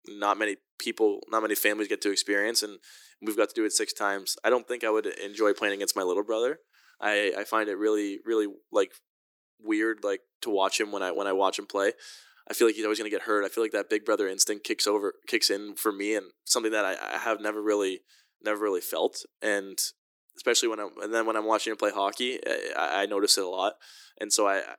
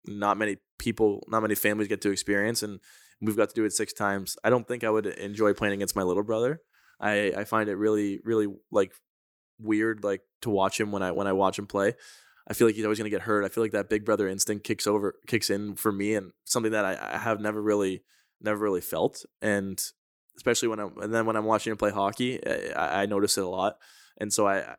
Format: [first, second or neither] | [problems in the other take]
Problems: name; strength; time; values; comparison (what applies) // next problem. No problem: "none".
second | thin; somewhat; fading below 350 Hz